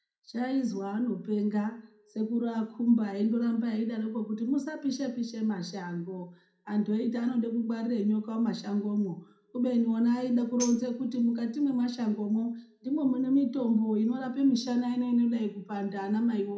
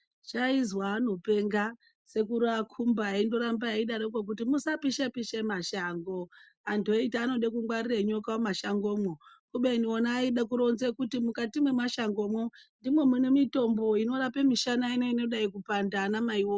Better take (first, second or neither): second